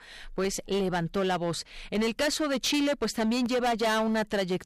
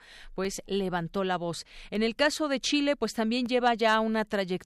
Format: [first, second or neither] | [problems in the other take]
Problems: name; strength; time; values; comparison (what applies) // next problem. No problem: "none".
second | distortion; heavy; 17% of the sound clipped